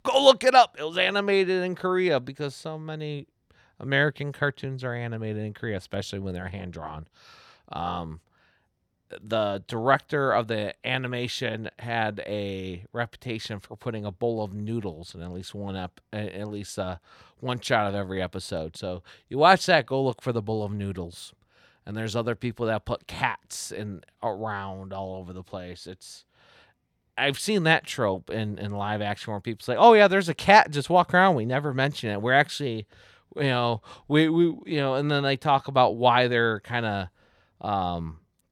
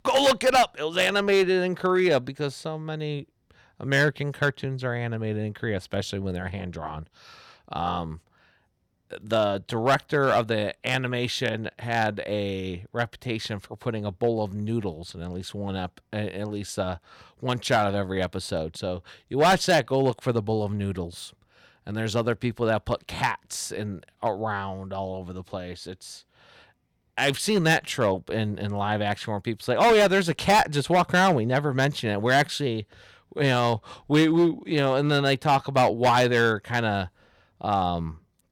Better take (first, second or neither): first